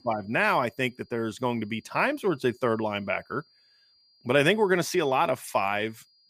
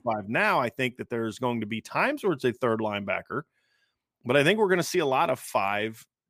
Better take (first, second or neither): second